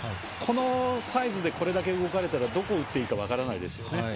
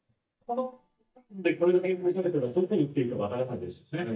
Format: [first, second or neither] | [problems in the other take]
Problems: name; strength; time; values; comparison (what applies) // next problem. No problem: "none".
first | noise reduction (neural mask model DeepFilterNet 3)